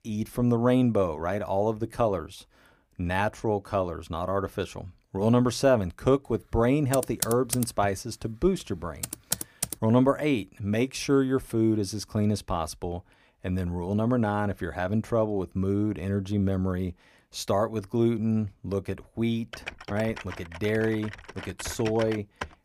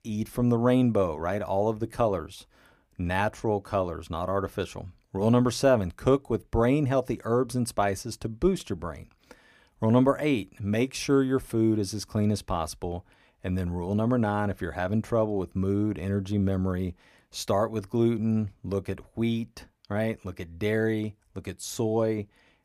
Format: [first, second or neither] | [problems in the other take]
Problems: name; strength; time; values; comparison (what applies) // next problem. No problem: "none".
second | keyboard typing; noticeable; from 7 to 9.5 s; peak 2 dB below the speech // keyboard typing; faint; from 20 s on; peak 10 dB below the speech